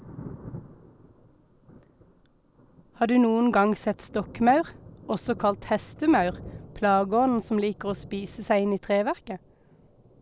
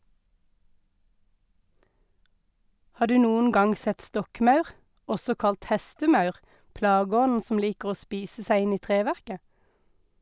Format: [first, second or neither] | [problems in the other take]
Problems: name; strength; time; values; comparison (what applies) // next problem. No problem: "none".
second | background sound (Thunder); 19 dB below the speech